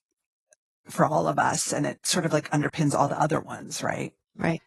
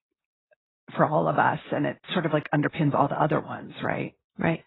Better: first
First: garbled, watery; slightly; nothing above 11.5 kHz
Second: garbled, watery; badly; nothing above 4 kHz

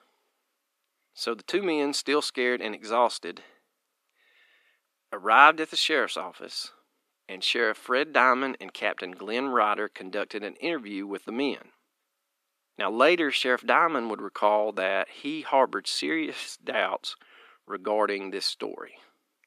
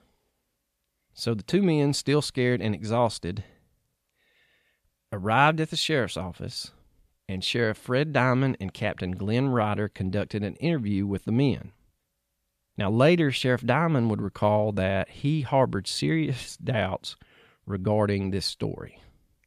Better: second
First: thin; somewhat; fading below 300 Hz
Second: none

